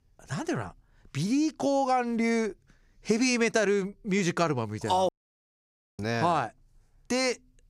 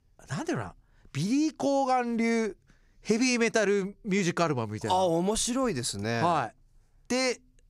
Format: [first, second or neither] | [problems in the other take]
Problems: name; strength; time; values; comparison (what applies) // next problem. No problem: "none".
second | audio cutting out; at 5 s for 1 s